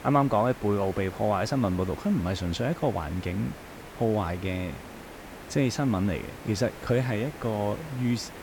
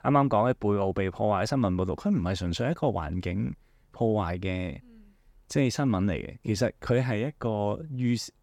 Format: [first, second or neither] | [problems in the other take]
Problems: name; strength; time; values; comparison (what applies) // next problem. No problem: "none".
second | hiss; noticeable; throughout; 15 dB below the speech